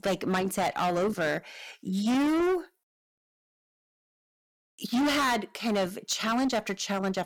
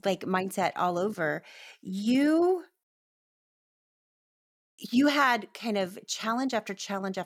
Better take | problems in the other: second | distortion; heavy; 14% of the sound clipped

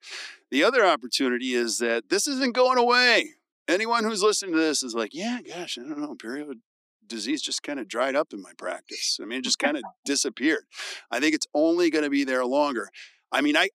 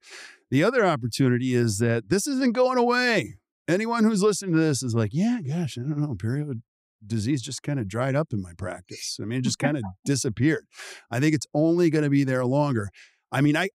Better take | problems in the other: second | thin; somewhat; fading below 250 Hz

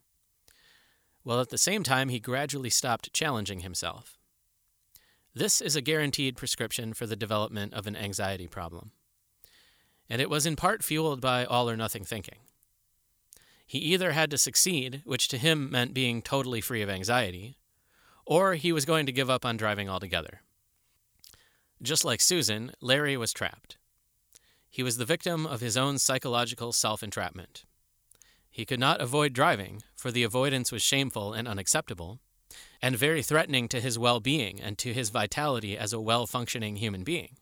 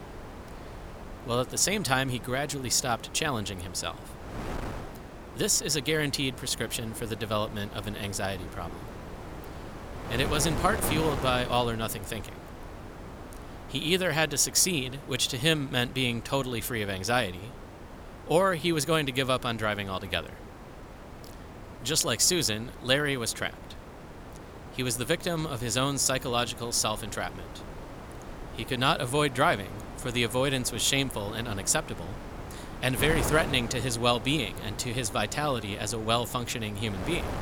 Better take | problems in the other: first | wind noise on the microphone; occasional gusts; 15 dB below the speech

